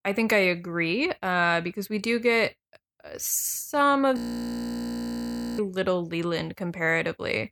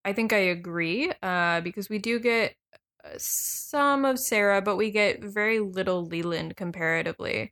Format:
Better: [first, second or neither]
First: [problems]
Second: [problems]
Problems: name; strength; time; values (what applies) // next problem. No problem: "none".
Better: second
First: audio freezing; at 4 s for 1.5 s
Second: none